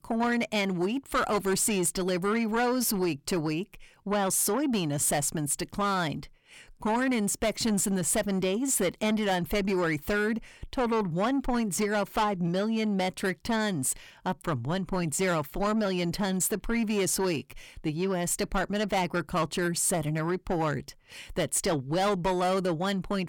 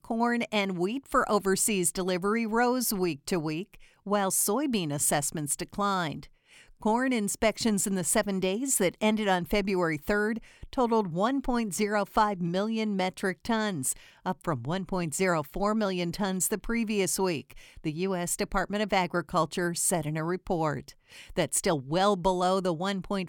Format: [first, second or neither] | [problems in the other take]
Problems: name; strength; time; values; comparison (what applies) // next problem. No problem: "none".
second | distortion; slight; 10 dB below the speech